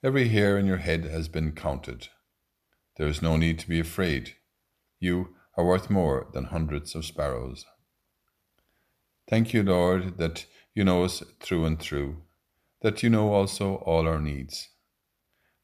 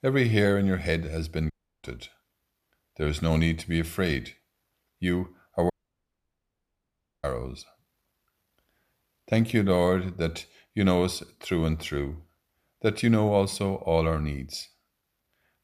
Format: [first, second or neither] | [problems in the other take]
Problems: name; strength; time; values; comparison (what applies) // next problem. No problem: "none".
first | audio cutting out; at 1.5 s and at 5.5 s for 1.5 s